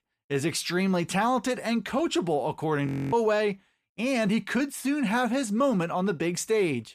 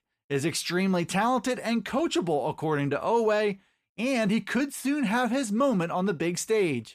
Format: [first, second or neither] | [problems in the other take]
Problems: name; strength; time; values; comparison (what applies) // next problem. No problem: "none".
second | audio freezing; at 3 s